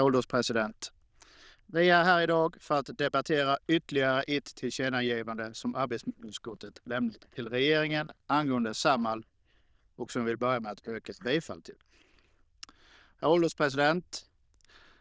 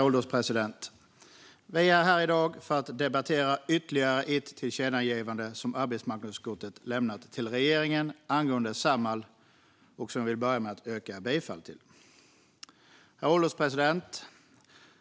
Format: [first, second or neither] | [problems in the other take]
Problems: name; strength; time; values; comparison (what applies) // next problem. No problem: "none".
second | noise reduction (neural diffusion model UNIVERSE++)